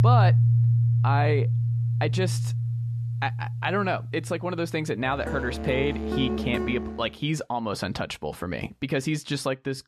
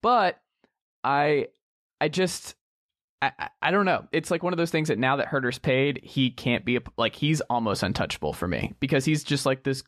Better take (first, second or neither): second